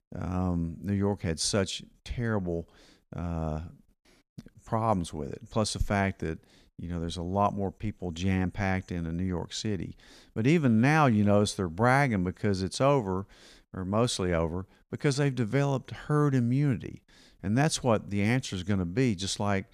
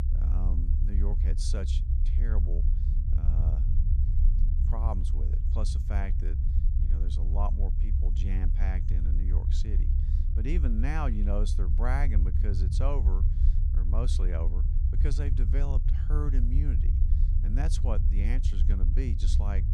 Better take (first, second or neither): first